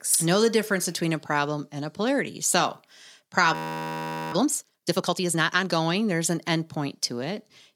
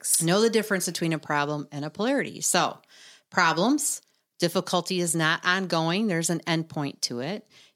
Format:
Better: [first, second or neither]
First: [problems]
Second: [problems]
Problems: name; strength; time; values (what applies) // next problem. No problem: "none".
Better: second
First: audio freezing; at 3.5 s for 1 s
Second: none